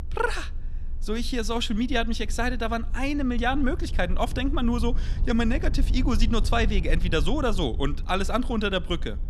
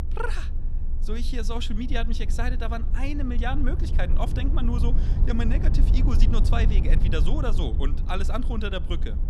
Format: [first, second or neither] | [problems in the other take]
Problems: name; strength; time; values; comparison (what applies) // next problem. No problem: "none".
first | low rumble; loud; throughout; 9 dB below the speech; faint in the first